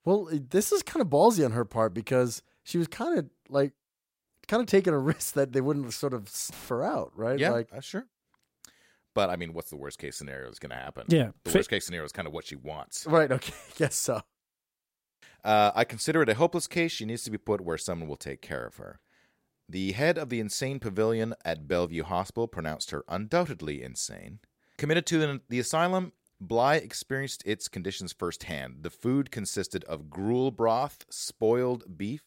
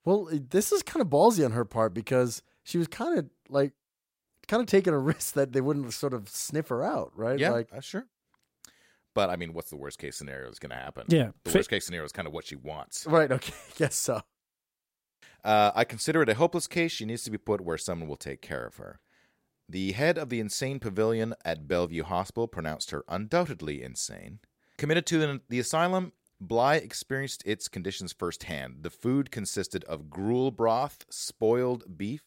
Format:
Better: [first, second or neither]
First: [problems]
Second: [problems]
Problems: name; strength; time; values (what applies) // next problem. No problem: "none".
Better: second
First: audio cutting out; filled with static; at 6.5 s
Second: none